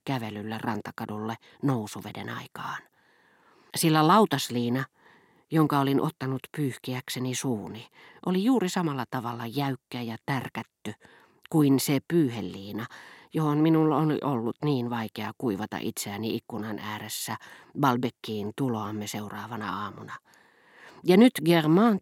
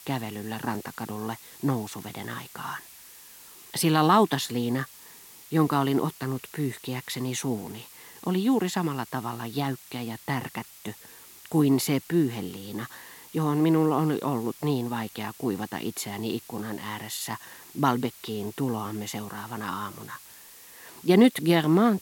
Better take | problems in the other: first | hiss; noticeable; throughout; 20 dB below the speech

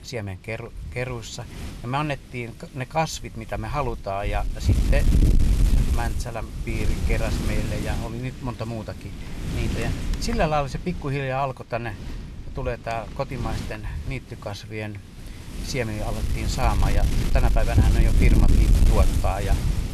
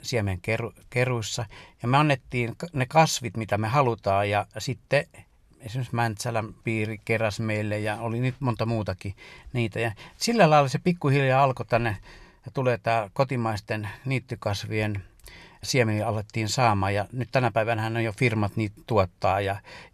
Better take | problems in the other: second | wind noise on the microphone; heavy; 6 dB below the speech

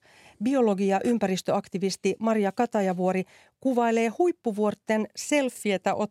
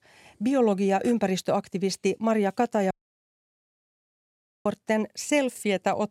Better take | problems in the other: first | audio cutting out; at 3 s for 1.5 s

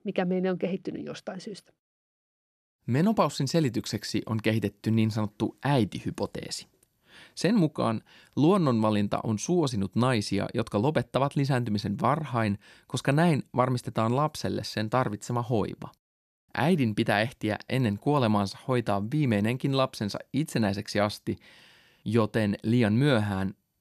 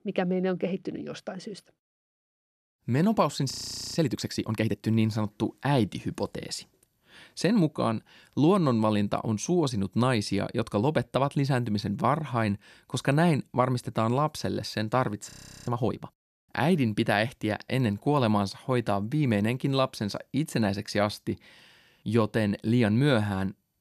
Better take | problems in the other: first | audio freezing; at 3.5 s and at 15 s

